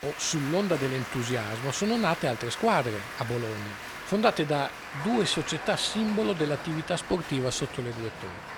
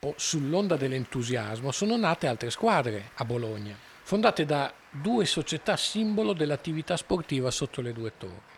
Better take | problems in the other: second | crowd noise; loud; throughout; 9 dB below the speech; faint in the second

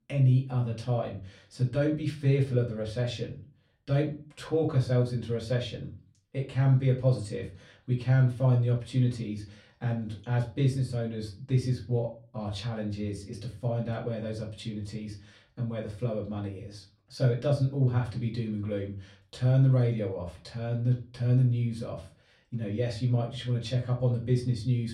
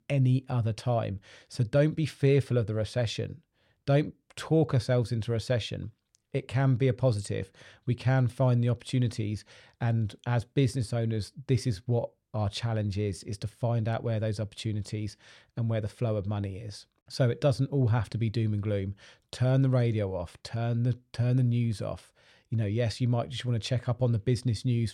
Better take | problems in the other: second | off-mic speech; far // room echo; very slight; dies away in 0.3 s

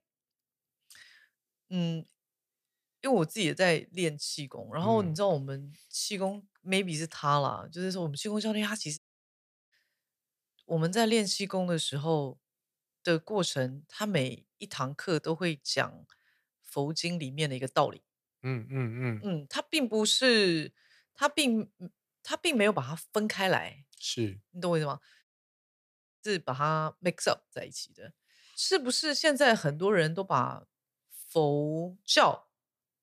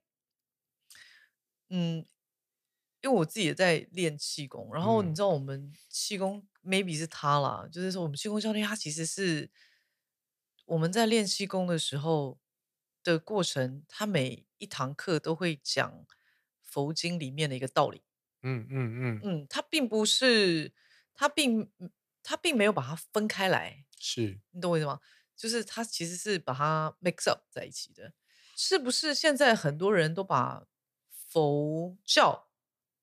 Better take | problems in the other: second | audio cutting out; at 9 s for 0.5 s and at 25 s for 1 s

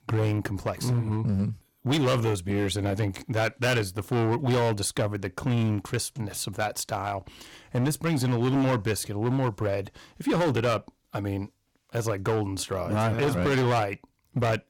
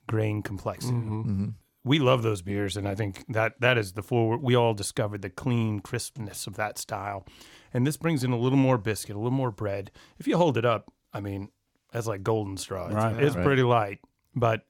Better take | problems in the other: second | distortion; heavy; 12% of the sound clipped

